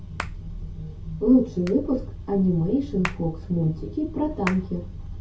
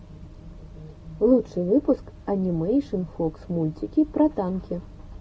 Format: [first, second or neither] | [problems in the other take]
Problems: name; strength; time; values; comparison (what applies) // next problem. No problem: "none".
second | background sound (Hands); 16 dB below the speech // room echo; dies away in 0.3 s